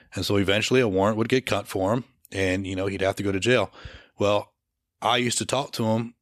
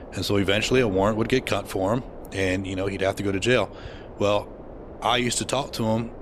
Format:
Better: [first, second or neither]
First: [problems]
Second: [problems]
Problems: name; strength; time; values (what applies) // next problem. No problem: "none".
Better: first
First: none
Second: wind noise on the microphone; occasional gusts; 15 dB below the speech